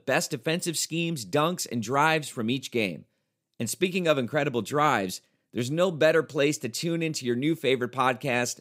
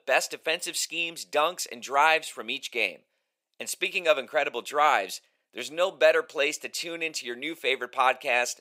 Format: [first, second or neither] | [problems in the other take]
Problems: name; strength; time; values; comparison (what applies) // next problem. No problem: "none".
first | thin; very; fading below 650 Hz